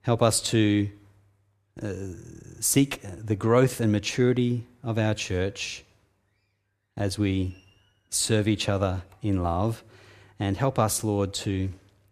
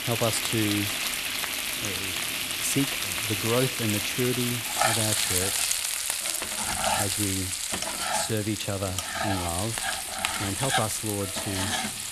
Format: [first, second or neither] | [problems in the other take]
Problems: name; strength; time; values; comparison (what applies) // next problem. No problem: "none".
first | household noises; very loud; throughout; 4 dB above the speech